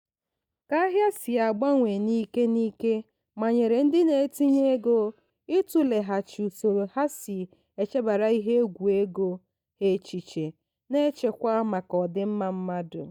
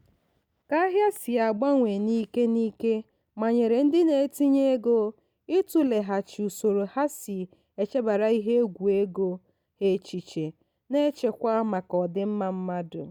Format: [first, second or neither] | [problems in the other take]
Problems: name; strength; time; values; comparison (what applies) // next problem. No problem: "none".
second | noise reduction (neural mask model DeepFilterNet 3)